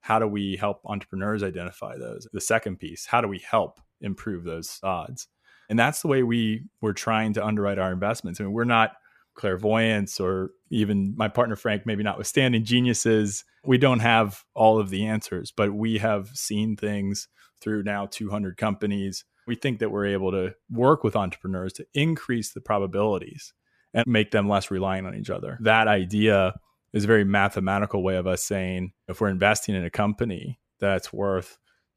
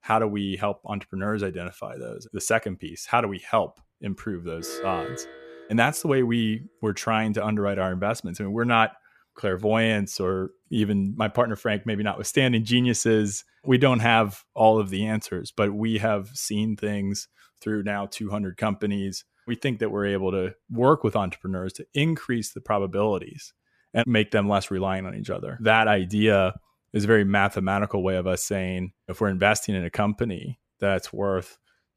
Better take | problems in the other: first | alarm; noticeable; from 4.5 to 6 s; peak 8 dB below the speech

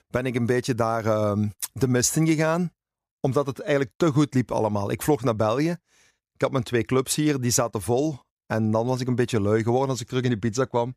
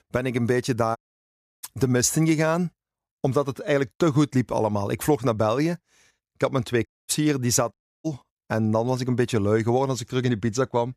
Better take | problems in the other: first | audio cutting out; at 1 s for 0.5 s, at 7 s and at 7.5 s

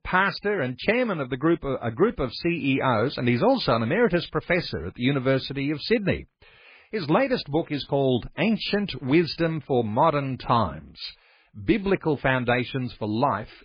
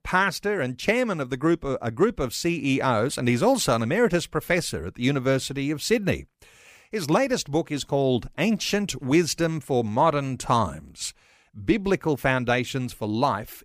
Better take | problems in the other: second | garbled, watery; badly; nothing above 4.5 kHz

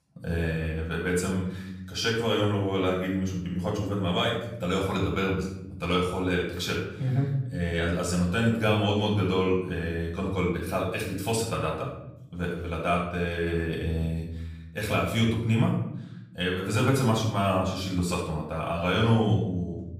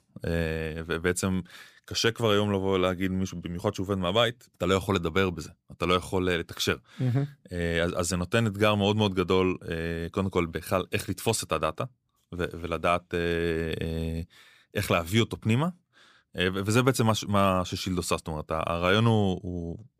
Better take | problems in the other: second | off-mic speech; far // room echo; noticeable; dies away in 0.8 s

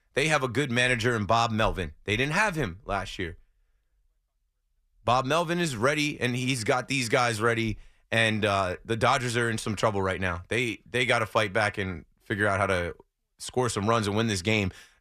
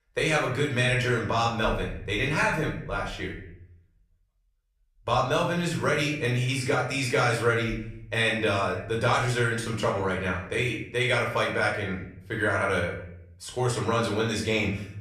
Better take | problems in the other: first | off-mic speech; far // room echo; slight; dies away in 0.6 s

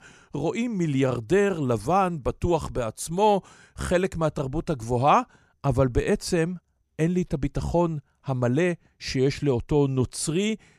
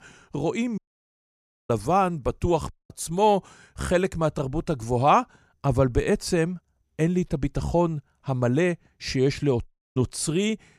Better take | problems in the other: first | audio cutting out; at 1 s for 1 s, at 2.5 s and at 9.5 s

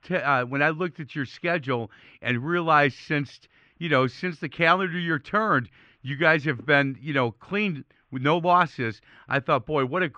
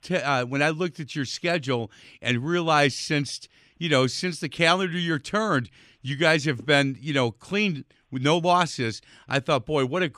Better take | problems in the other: second | muffled; very; fading above 2 kHz

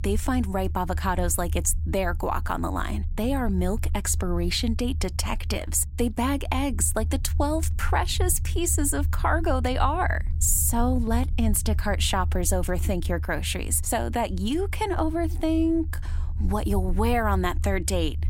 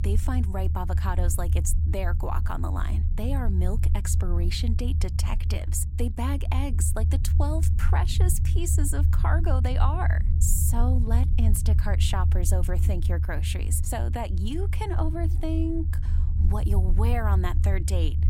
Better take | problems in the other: first | low rumble; loud; throughout; 9 dB below the speech; faint in the first

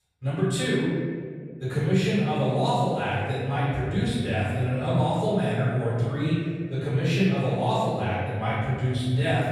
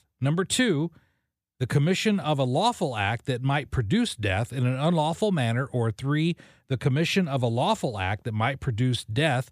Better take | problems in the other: second | off-mic speech; far // room echo; strong; dies away in 2 s

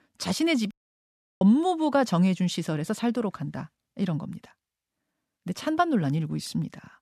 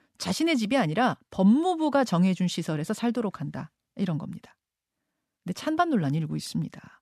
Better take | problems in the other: second | audio cutting out; at 0.5 s for 0.5 s

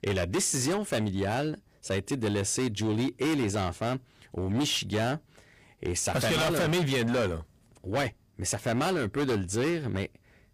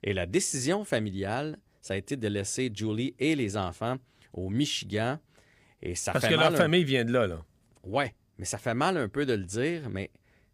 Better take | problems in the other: second | distortion; heavy; 18% of the sound clipped

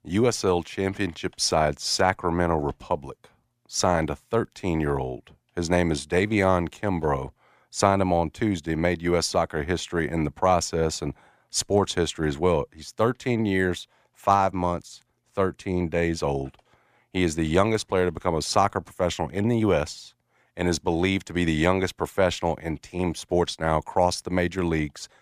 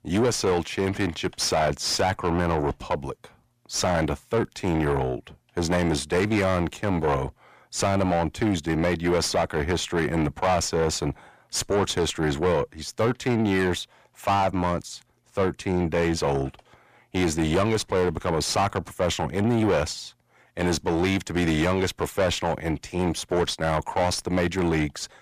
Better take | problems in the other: first | distortion; heavy; 7 dB below the speech

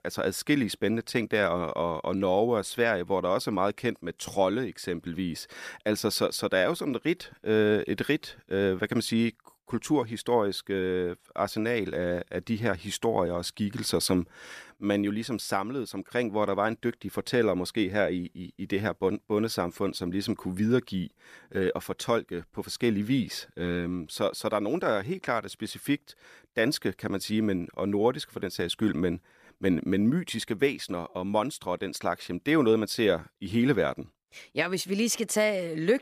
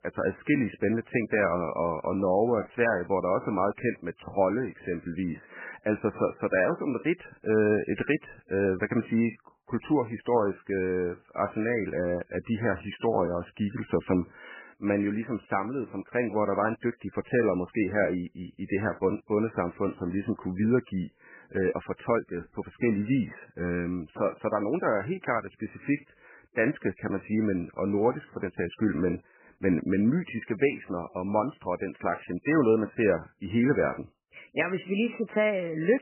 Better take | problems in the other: first | garbled, watery; badly; nothing above 3 kHz

